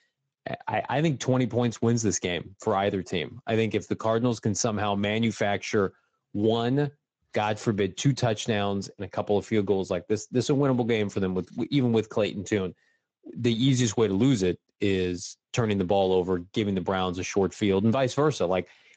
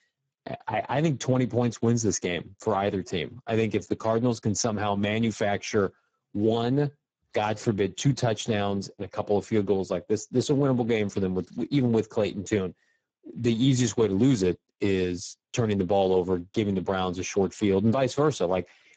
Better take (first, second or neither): first